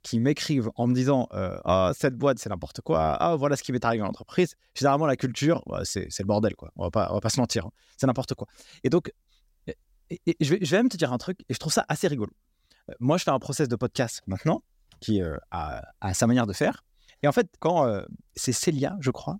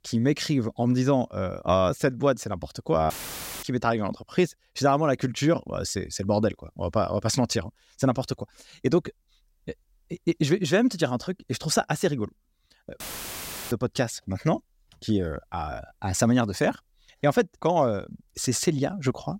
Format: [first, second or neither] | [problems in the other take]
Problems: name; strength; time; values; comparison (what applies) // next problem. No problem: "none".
first | audio cutting out; filled with static; at 3 s for 0.5 s and at 13 s for 0.5 s